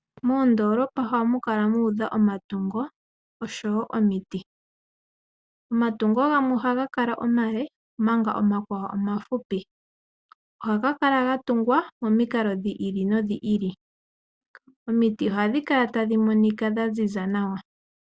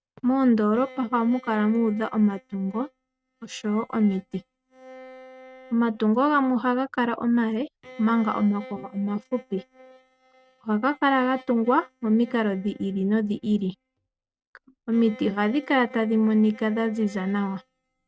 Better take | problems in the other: first | noise reduction (neural mask model RNNoise)

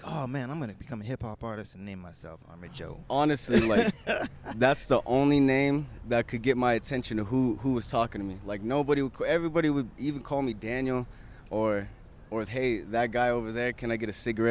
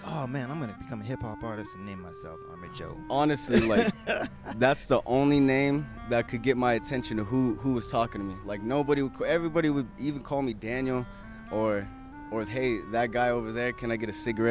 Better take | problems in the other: first | background sound (Wind instrument, woodwind instrument); 17 dB below the speech

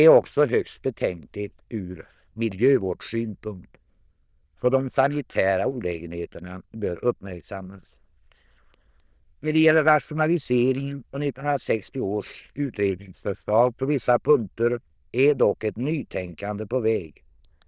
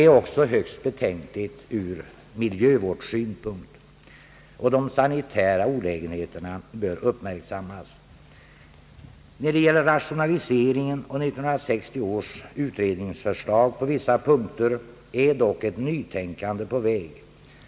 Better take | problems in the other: second | noise reduction (neural diffusion model UNIVERSE++)

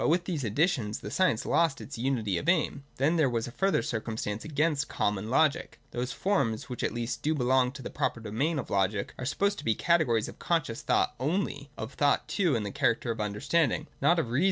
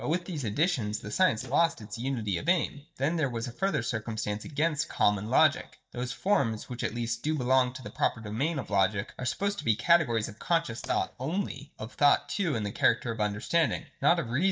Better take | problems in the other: first | noise reduction (neural mask model DeepFilterNet 3)

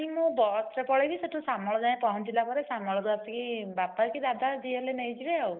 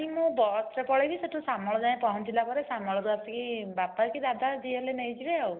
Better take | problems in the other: second | noise reduction (neural mask model Resemble Enhance denoiser)

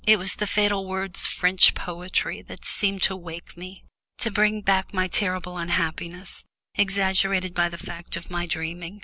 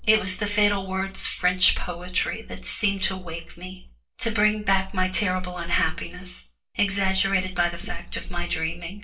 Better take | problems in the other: first | room echo; dies away in 0.3 s

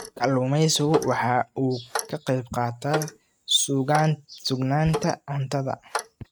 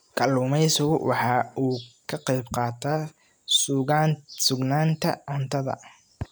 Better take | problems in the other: second | noise reduction (neural mask model RNNoise)

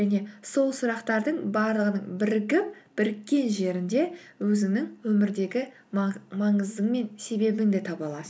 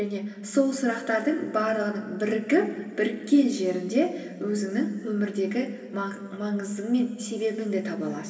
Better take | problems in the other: first | room echo; dies away in 2.3 s

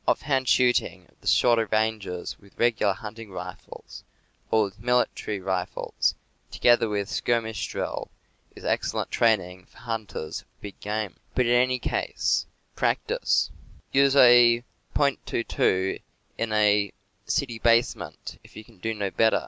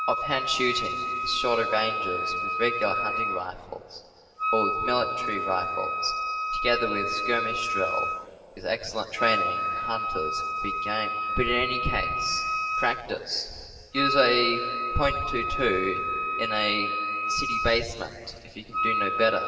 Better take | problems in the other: first | background sound (Wind instrument, woodwind instrument); as loud as the speech // room echo; dies away in 2.7 s

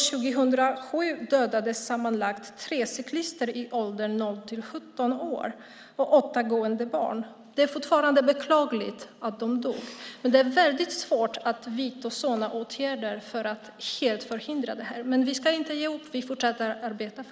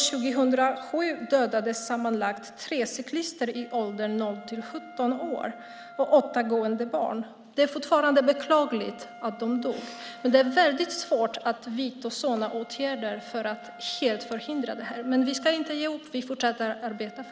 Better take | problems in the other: first | background sound (Wind instrument, woodwind instrument); 20 dB below the speech

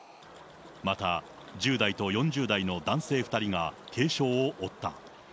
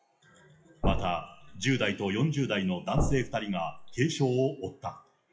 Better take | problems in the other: first | noise reduction (classical method WPE with log-MMSE)

